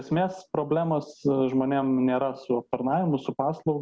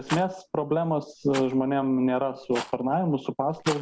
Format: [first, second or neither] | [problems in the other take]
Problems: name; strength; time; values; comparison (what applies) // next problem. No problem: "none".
first | background sound (Rattle); 14 dB below the speech